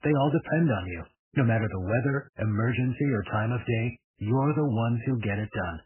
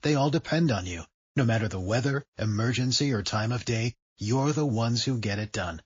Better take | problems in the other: second | garbled, watery; badly; nothing above 3 kHz; slightly in the second

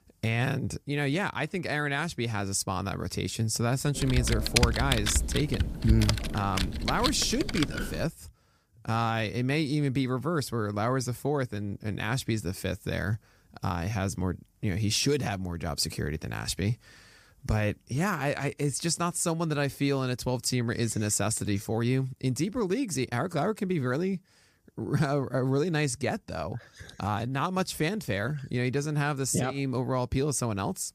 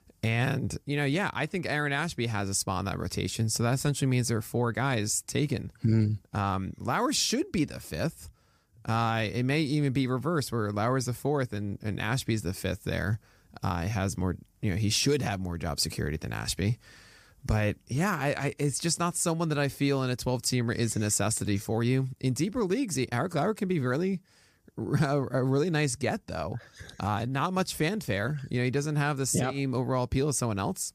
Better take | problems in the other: second | keyboard typing; loud; from 4 to 8 s; peak 4 dB above the speech

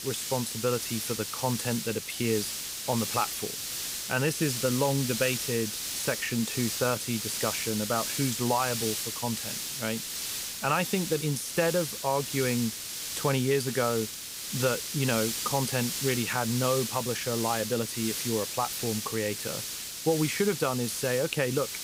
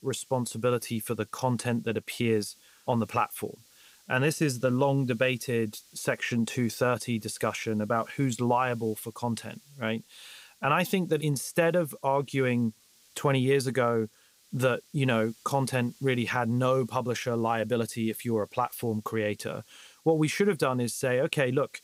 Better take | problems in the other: second | hiss; loud; throughout; 2 dB below the speech; faint in the second

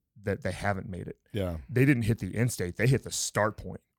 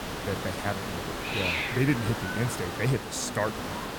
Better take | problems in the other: first | hiss; loud; throughout; 1 dB below the speech

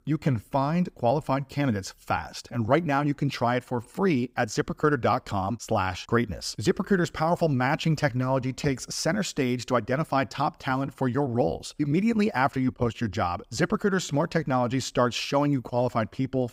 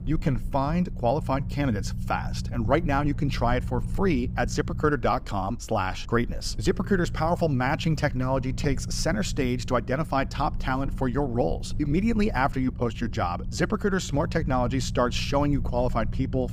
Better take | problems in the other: first | low rumble; noticeable; throughout; 20 dB below the speech

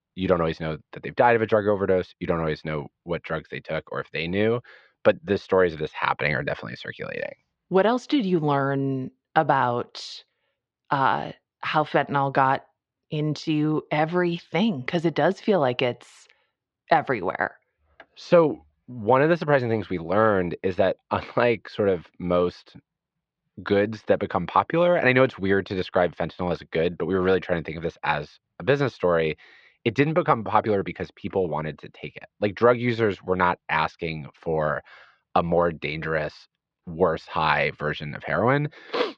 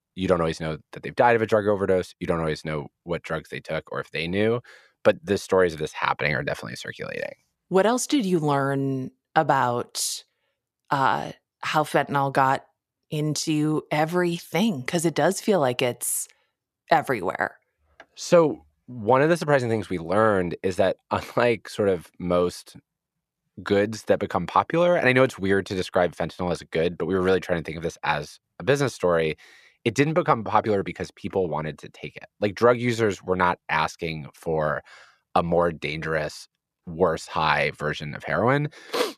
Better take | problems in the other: second | muffled; slightly; fading above 4 kHz

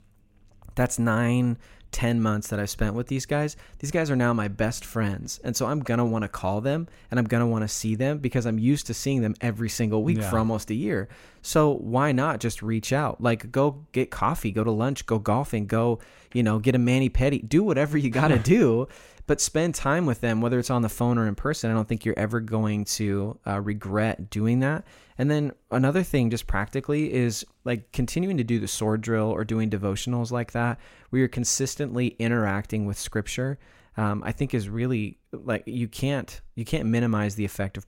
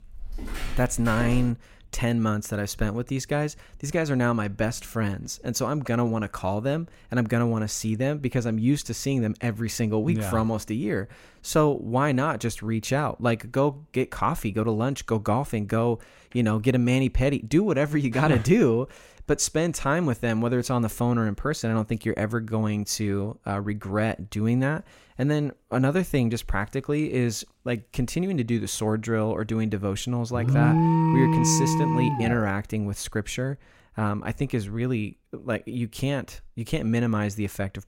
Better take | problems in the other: first | footsteps; noticeable; until 1.5 s; peak 8 dB below the speech // alarm; loud; from 30 to 32 s; peak 6 dB above the speech

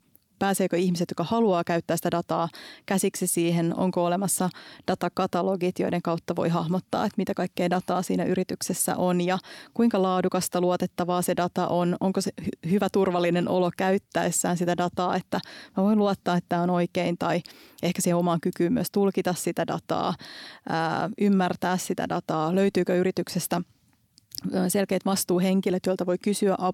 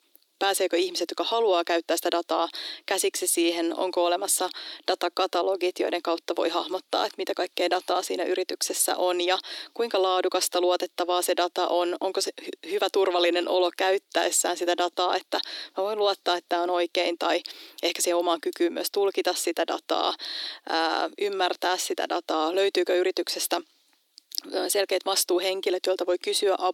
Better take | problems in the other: first | thin; very; fading below 300 Hz

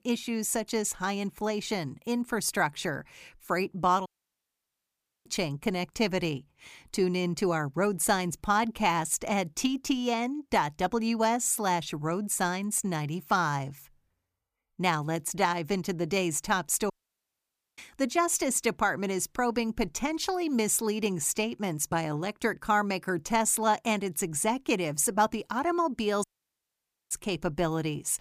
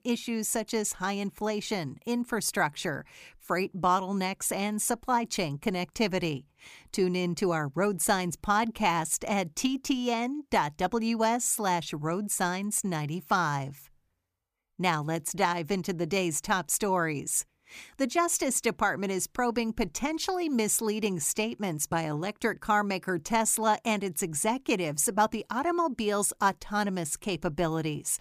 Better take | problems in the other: second | audio cutting out; at 4 s for 1 s, at 17 s for 1 s and at 26 s for 1 s

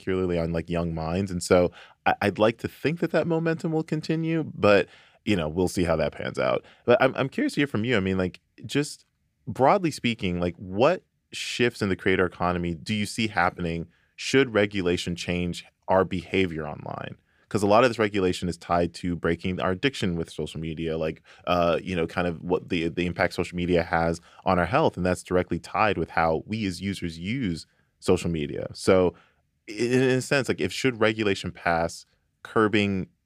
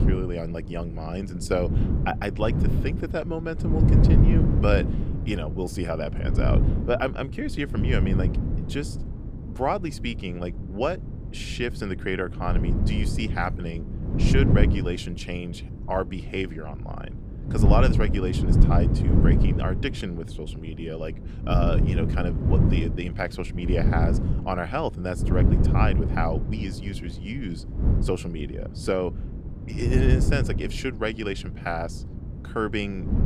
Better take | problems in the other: first | wind noise on the microphone; heavy; 5 dB below the speech

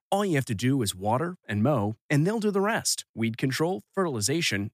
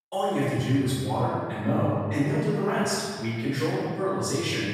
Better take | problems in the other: first | off-mic speech; far // room echo; strong; dies away in 1.6 s

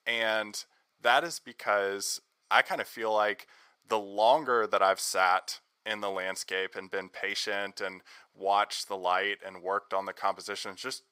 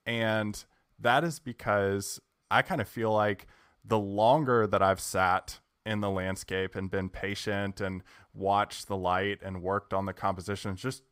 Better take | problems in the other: second | thin; very; fading below 500 Hz

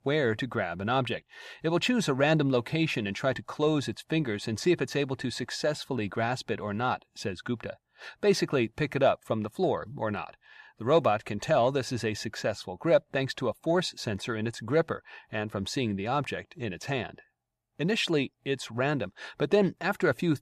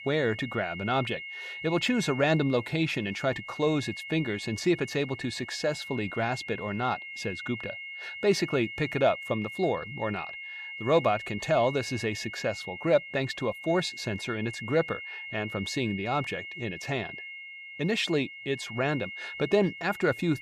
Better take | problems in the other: first | high-pitched whine; loud; throughout; 2 kHz, 9 dB below the speech

